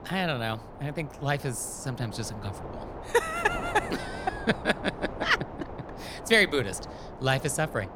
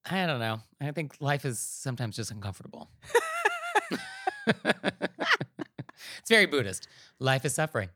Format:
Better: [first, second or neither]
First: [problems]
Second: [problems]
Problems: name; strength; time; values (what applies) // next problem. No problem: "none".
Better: second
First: wind noise on the microphone; occasional gusts; 15 dB below the speech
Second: none